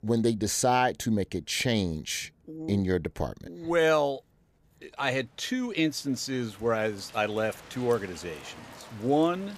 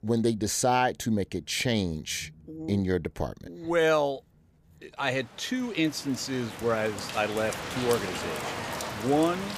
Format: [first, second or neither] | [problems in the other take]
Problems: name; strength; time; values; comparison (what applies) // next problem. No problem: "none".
first | rain or running water; loud; throughout; 7 dB below the speech; faint in the first